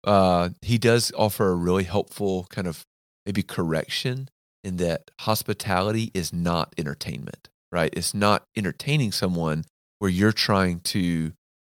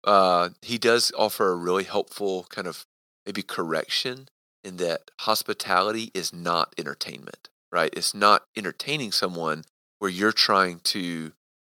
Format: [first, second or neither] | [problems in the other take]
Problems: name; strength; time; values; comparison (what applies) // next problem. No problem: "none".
first | thin; somewhat; fading below 350 Hz